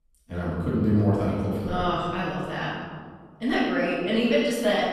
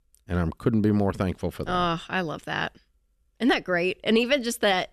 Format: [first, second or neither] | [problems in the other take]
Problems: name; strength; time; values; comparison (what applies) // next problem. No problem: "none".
second | off-mic speech; far // room echo; strong; dies away in 1.7 s